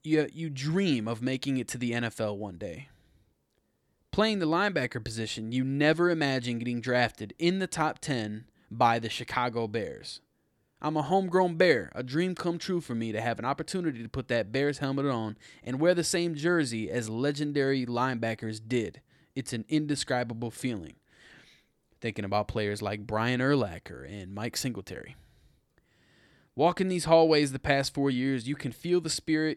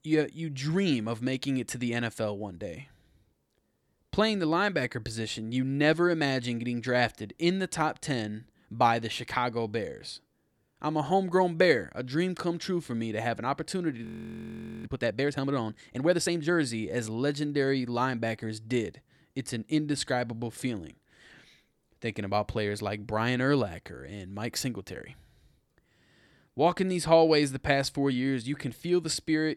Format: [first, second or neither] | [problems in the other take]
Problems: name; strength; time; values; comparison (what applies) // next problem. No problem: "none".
first | audio freezing; at 14 s for 1 s